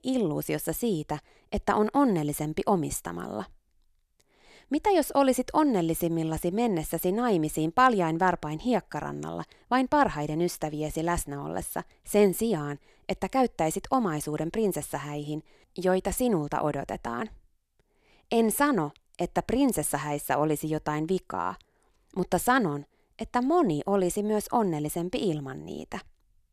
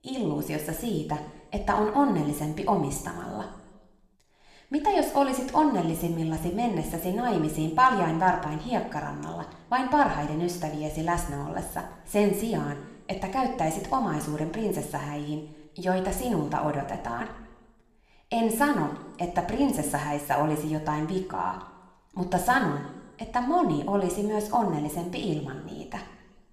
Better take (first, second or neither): first